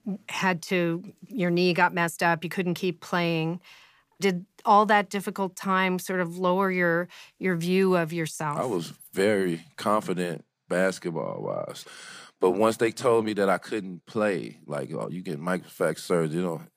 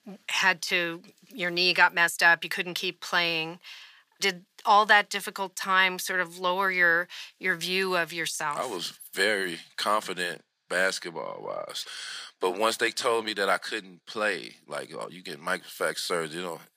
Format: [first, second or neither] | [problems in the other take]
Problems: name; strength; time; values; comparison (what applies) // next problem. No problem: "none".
first | thin; somewhat; fading below 1 kHz